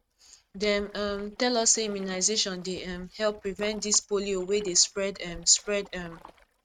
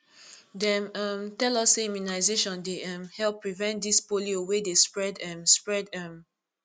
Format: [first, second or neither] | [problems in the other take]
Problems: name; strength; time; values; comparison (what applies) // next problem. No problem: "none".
second | noise reduction (neural mask model RNNoise)